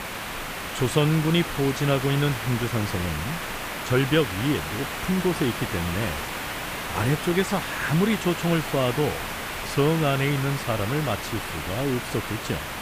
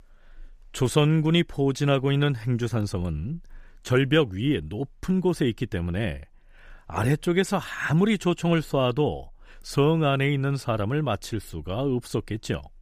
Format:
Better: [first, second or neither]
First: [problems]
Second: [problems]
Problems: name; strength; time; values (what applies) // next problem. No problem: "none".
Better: second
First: hiss; loud; throughout; 5 dB below the speech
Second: none